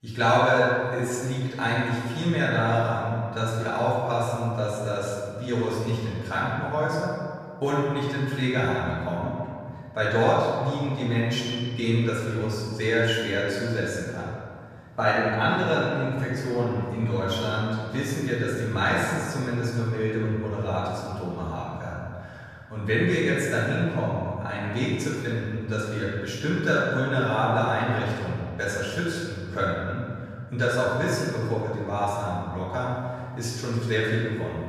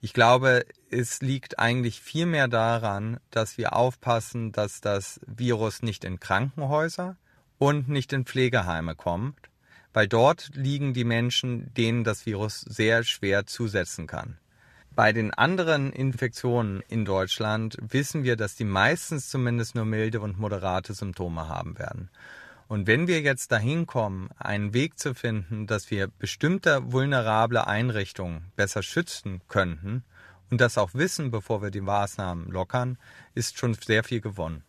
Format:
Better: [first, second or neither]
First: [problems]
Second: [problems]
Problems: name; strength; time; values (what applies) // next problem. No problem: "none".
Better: second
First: off-mic speech; far // room echo; strong; dies away in 1.8 s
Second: none